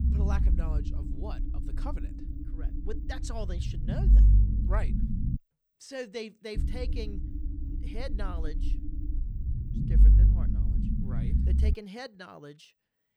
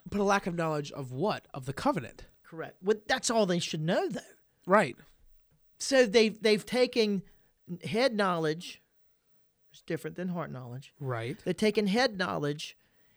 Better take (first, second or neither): second